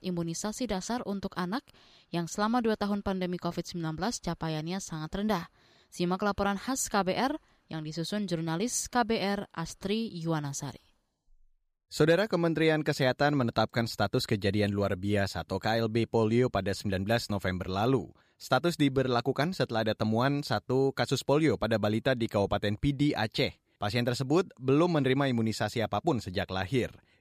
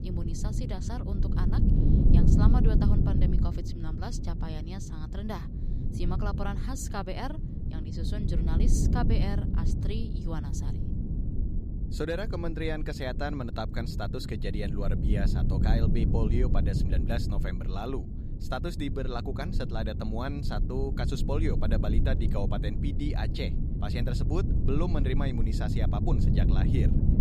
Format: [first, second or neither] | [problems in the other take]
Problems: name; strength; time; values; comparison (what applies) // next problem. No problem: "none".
first | low rumble; loud; throughout; 3 dB below the speech